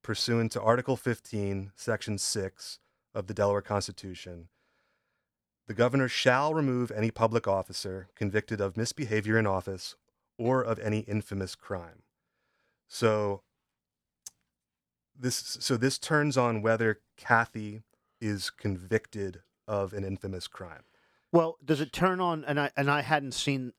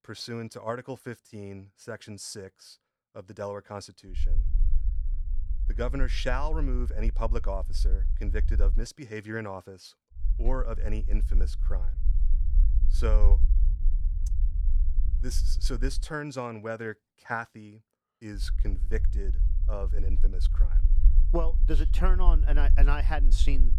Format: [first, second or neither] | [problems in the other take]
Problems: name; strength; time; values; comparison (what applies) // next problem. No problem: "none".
first | low rumble; noticeable; from 4 to 9 s, from 10 to 16 s and from 18 s on; 15 dB below the speech